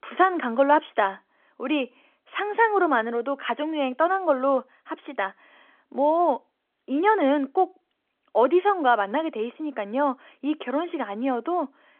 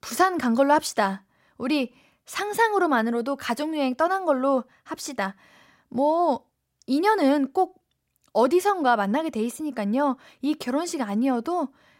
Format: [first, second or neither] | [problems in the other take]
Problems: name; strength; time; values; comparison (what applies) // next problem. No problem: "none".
second | phone-call audio; nothing above 3.5 kHz